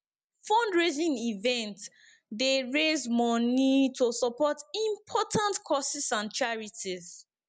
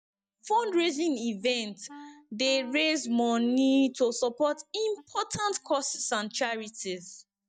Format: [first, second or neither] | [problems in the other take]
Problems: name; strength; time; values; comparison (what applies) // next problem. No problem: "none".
first | noise reduction (neural mask model DeepFilterNet 3)